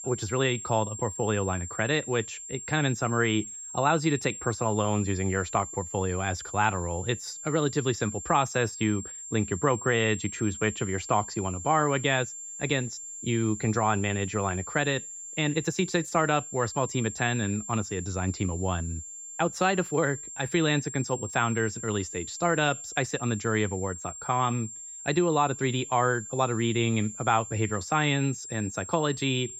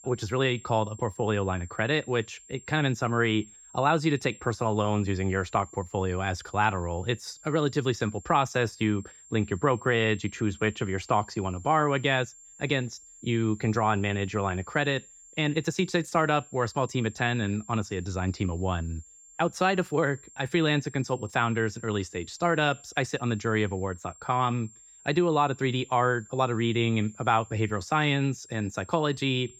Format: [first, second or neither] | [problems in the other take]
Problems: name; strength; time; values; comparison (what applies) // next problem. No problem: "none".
second | high-pitched whine; loud; throughout; 7.5 kHz, 10 dB below the speech; faint in the second